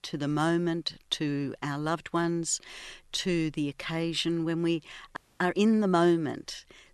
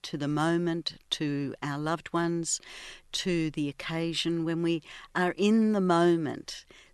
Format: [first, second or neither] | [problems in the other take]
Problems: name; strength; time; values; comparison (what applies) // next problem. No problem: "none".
second | audio freezing; at 5 s